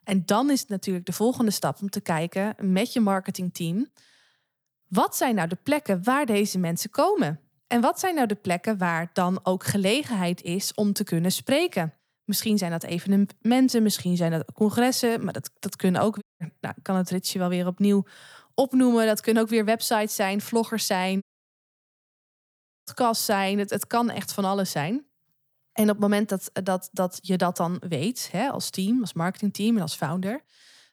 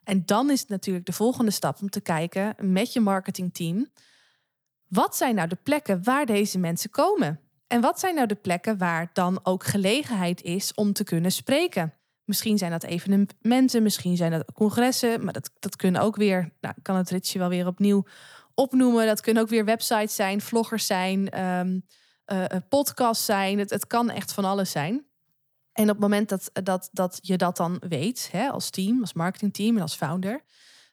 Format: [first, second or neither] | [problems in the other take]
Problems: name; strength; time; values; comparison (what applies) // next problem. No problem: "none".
second | audio cutting out; at 16 s and at 21 s for 1.5 s